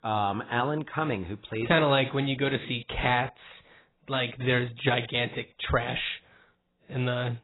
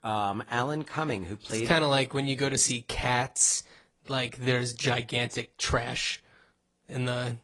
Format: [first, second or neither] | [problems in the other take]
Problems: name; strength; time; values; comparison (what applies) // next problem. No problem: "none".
second | garbled, watery; badly; nothing above 4 kHz; slightly in the second